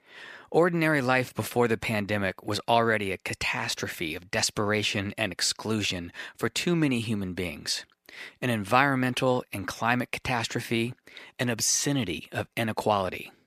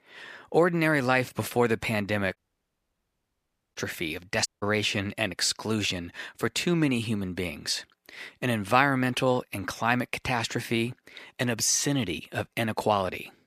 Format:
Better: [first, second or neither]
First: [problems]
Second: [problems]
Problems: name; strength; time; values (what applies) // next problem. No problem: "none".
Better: first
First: none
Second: audio cutting out; at 2.5 s for 1.5 s and at 4.5 s